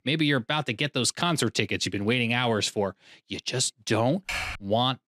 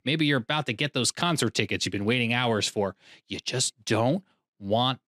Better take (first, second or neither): second